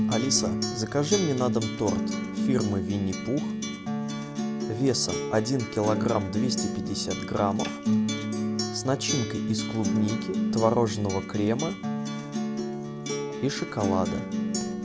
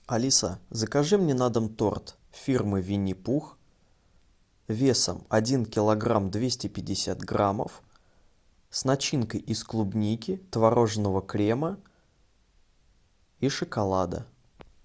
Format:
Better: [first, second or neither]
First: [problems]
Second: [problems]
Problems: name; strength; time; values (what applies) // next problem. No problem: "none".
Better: second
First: background sound (Acoustic guitar); 1 dB below the speech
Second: none